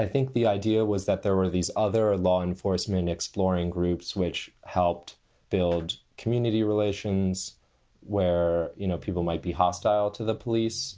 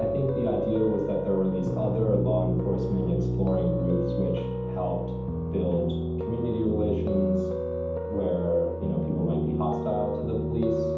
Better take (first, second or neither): first